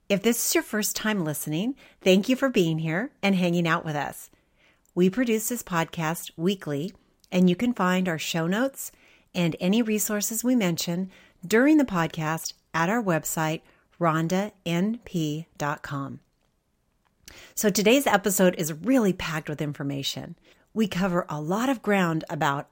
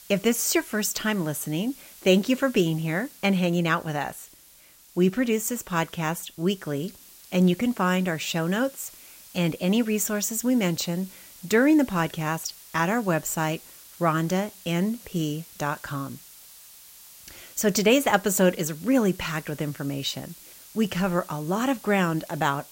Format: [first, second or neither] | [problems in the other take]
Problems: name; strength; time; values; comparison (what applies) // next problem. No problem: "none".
first | hiss; faint; throughout; 20 dB below the speech